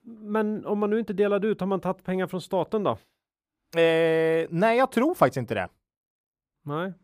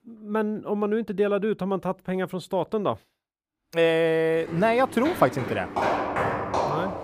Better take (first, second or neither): first